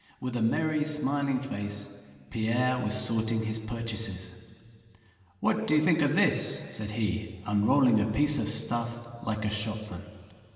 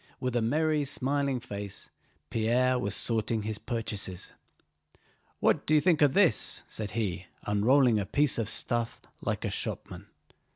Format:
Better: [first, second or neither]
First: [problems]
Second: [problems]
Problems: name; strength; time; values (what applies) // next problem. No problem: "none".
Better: second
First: room echo; dies away in 2.9 s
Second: none